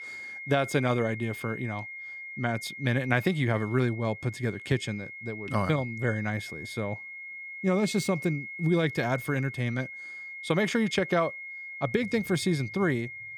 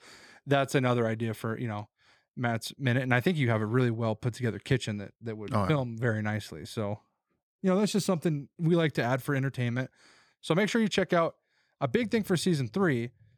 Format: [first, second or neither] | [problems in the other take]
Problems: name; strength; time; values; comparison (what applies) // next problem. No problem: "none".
second | high-pitched whine; loud; throughout; 2 kHz, 10 dB below the speech